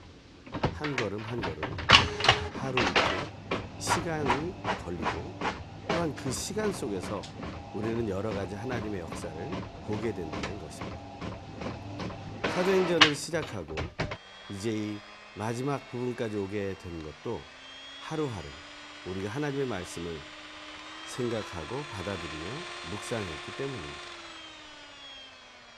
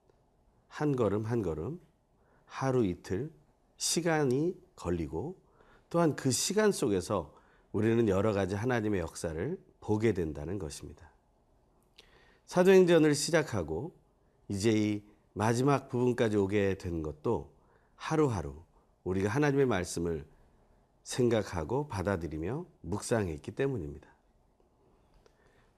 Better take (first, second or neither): second